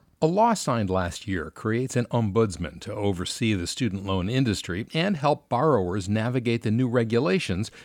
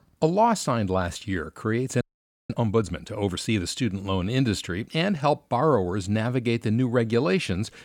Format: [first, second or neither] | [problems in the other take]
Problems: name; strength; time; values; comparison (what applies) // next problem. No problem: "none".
first | audio freezing; at 2 s